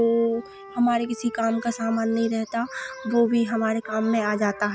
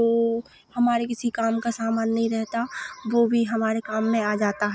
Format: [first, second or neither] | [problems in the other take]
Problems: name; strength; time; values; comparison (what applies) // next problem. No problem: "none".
second | background sound (Wind instrument, woodwind instrument); 18 dB below the speech